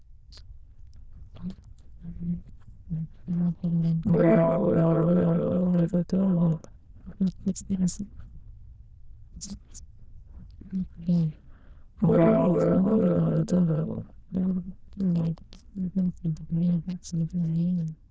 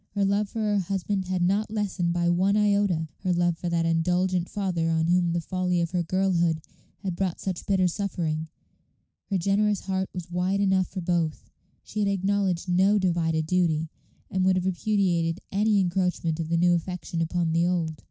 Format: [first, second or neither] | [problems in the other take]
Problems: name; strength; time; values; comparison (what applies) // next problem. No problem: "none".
second | noise reduction (neural diffusion model UNIVERSE++)